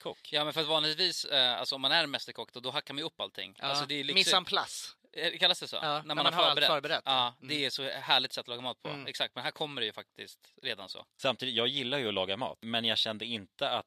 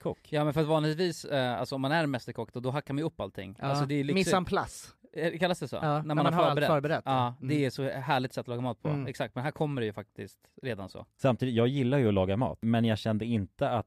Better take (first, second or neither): second